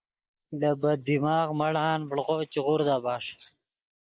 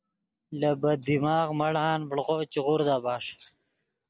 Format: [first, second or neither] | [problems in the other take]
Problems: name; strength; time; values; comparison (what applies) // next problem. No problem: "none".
second | noise reduction (neural mask model Resemble Enhance denoiser)